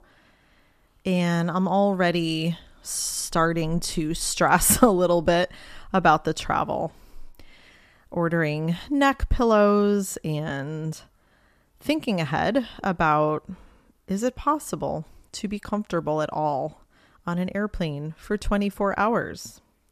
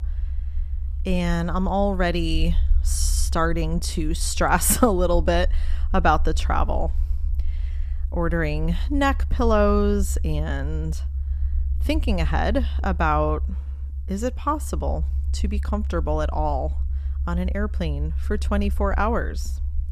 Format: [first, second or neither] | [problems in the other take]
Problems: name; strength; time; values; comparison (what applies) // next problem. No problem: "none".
first | low rumble; faint; throughout; 20 dB below the speech